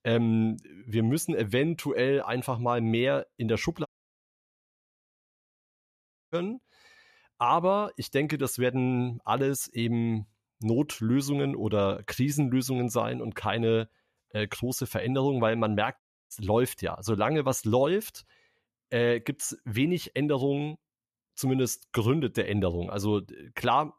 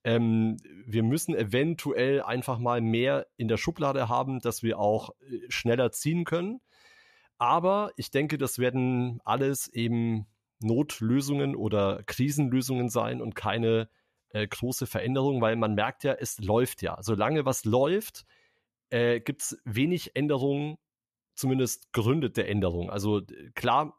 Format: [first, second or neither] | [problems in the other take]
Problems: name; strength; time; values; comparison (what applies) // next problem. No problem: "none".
second | audio cutting out; at 4 s for 2.5 s and at 16 s